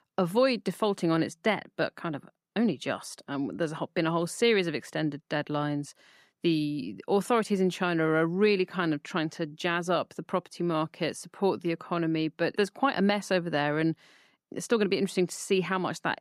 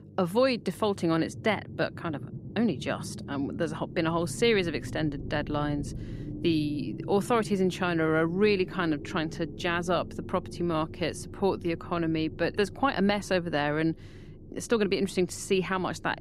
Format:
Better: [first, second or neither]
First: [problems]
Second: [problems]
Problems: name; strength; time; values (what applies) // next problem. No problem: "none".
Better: first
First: none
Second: low rumble; noticeable; throughout; 20 dB below the speech